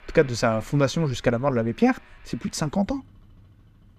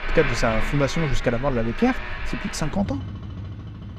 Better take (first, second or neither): first